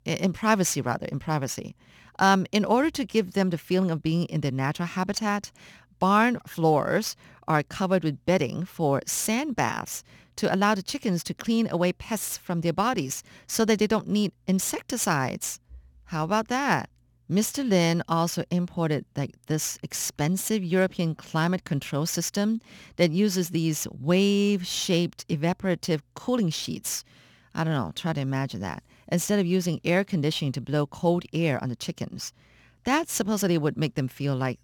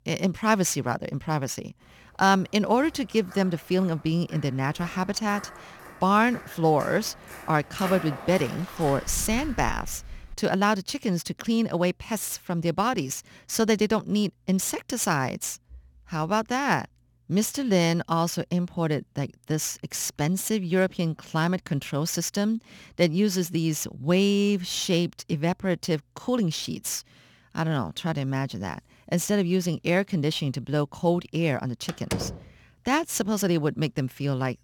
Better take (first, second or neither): first